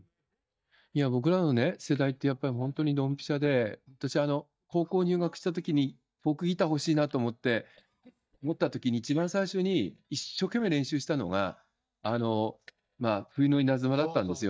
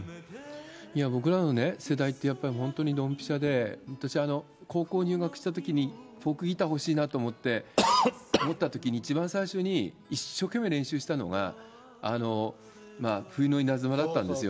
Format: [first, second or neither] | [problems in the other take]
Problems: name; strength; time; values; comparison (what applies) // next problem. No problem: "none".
second | noise reduction (neural mask model DeepFilterNet 3)